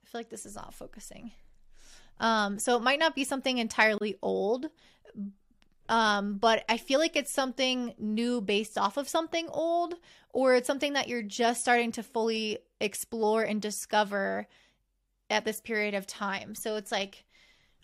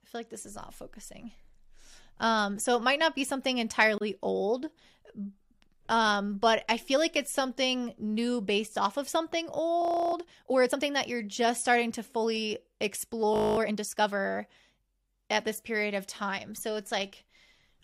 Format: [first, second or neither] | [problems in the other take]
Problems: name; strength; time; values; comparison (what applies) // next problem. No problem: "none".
first | audio freezing; at 10 s and at 13 s